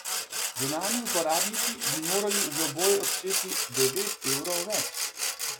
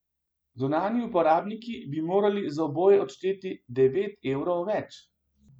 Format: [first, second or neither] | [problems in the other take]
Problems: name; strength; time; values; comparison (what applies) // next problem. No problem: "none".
second | background sound (Sawing); 2 dB above the speech